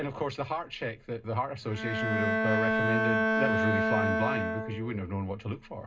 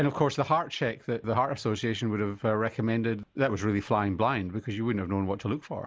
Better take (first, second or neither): second